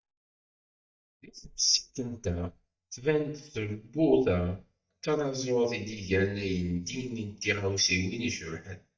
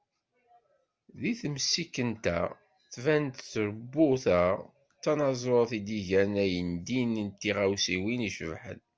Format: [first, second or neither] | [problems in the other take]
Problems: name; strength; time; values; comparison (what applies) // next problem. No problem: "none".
second | noise reduction (neural mask model DeepFilterNet 3)